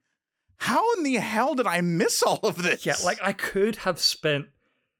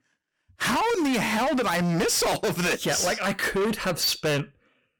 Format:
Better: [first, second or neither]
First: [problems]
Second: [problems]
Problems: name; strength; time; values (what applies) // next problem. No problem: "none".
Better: first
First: none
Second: distortion; heavy; 28% of the sound clipped